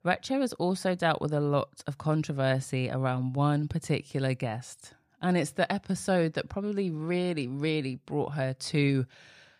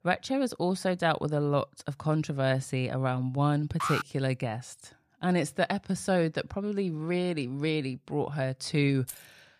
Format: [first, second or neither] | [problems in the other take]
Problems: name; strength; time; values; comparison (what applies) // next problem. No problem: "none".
first | alarm; noticeable; at 4 s; peak 2 dB below the speech // jangling keys; faint; at 9 s; peak 15 dB below the speech